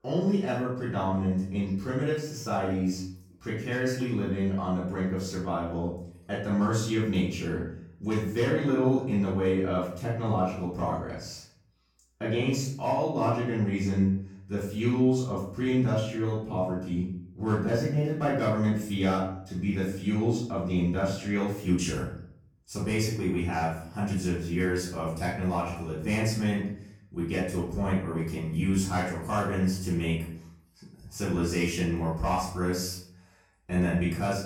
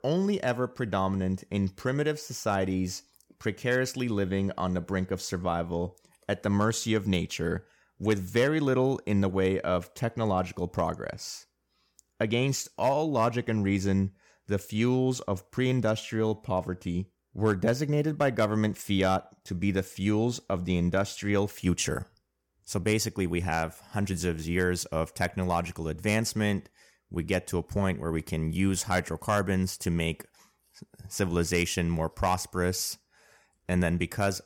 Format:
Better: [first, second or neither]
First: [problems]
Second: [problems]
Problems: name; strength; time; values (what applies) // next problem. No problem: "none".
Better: second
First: off-mic speech; far // room echo; noticeable; dies away in 0.6 s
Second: none